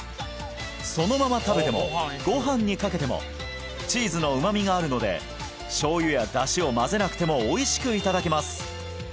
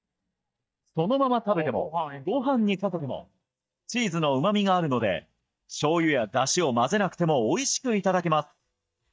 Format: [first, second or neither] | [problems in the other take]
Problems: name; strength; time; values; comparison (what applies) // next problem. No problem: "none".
first | noise reduction (neural mask model DeepFilterNet 3)